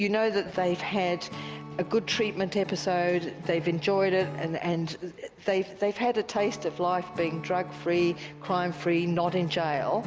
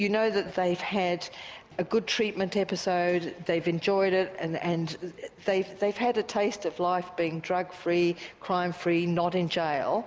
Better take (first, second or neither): second